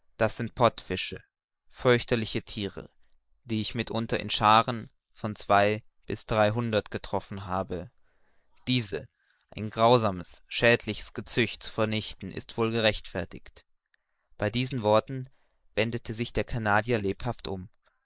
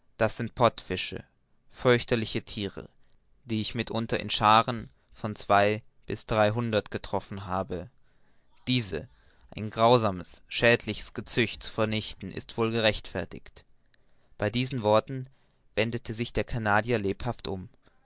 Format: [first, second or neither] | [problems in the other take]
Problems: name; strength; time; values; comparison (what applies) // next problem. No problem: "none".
second | noise reduction (neural mask model Resemble Enhance denoiser)